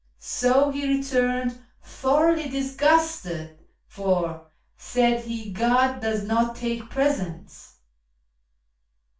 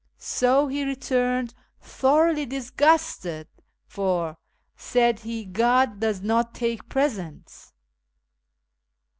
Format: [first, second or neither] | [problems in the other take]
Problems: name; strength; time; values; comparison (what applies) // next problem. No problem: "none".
second | room echo; dies away in 0.3 s